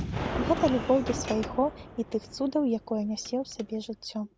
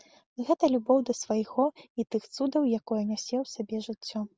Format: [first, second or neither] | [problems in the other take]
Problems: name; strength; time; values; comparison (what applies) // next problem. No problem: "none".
second | background sound (Gunshot, gunfire); 7 dB below the speech